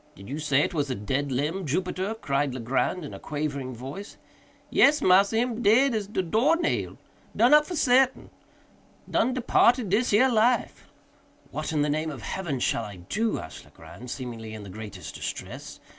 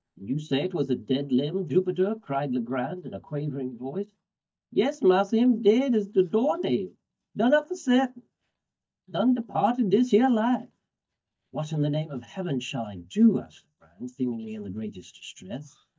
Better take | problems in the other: first | noise reduction (neural mask model DeepFilterNet 3)

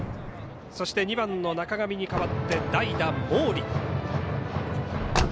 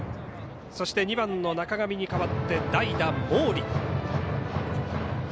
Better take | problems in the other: second | background sound (Car); 9 dB below the speech

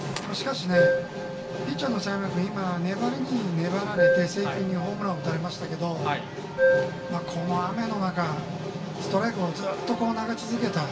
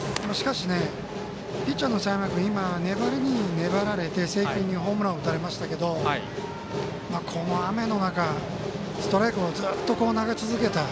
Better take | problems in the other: second | background sound (Keyboard (musical)); as loud as the speech // room echo; dies away in 0.2 s

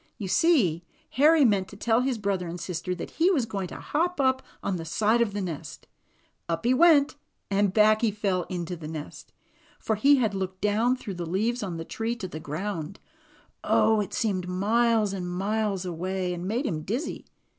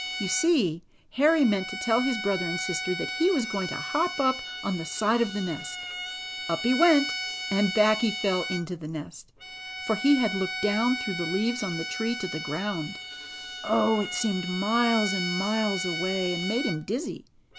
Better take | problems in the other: first | background sound (Bowed string instrument); 7 dB below the speech

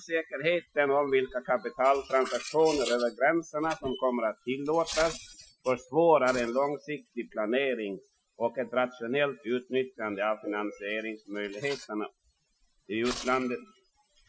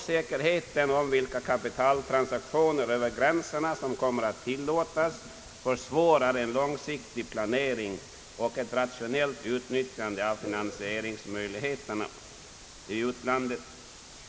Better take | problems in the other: second | noise reduction (classical method Wiener filter)

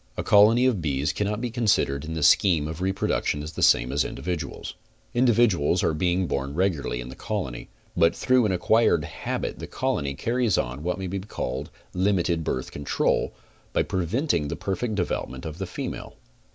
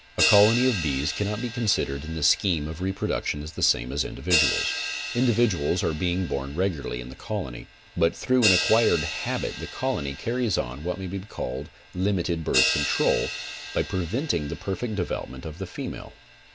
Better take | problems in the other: first | background sound (Crash cymbal); 6 dB below the speech

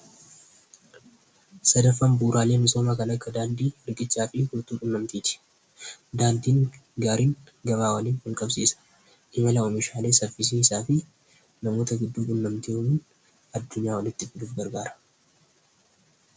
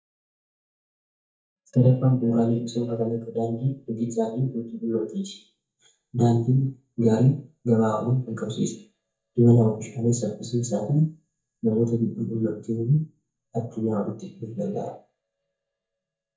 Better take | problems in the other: first | noise reduction (neural mask model DeepFilterNet 3)

